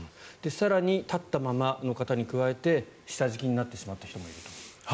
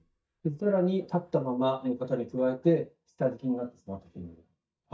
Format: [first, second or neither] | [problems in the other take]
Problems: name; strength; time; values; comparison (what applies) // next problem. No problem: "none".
first | noise reduction (neural mask model DeepFilterNet 3)